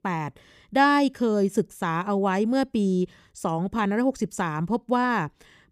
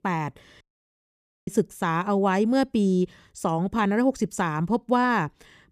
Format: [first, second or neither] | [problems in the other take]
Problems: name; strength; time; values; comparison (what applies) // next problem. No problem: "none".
first | audio cutting out; at 0.5 s for 1 s